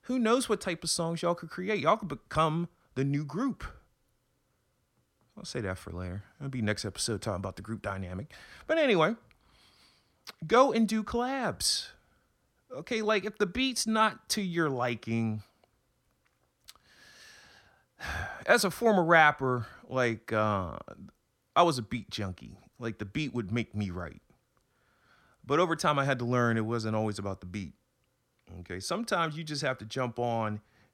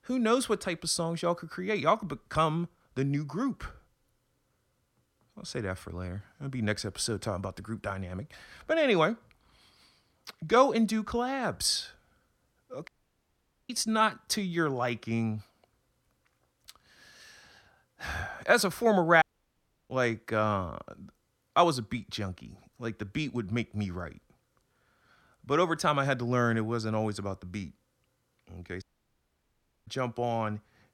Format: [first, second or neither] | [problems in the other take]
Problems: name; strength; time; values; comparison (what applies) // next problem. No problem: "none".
first | audio cutting out; at 13 s for 1 s, at 19 s for 0.5 s and at 29 s for 1 s